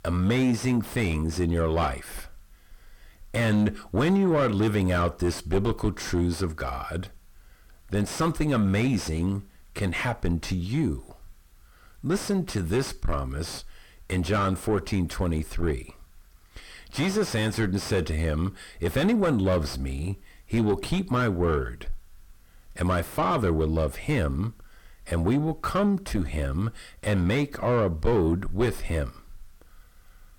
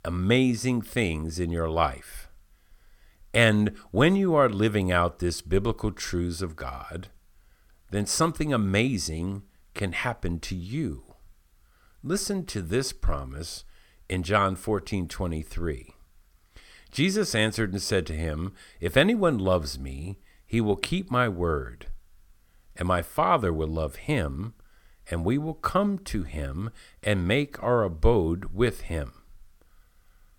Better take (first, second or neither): second